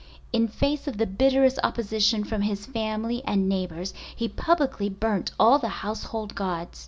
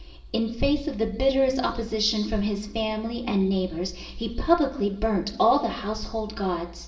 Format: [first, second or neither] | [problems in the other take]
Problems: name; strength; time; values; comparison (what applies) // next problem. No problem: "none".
first | room echo; dies away in 0.7 s